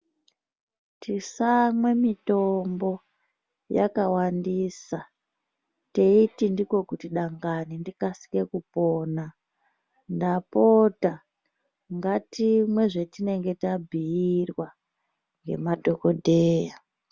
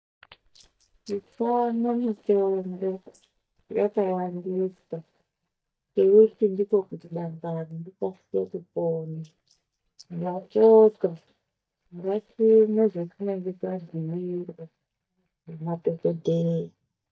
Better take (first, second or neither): first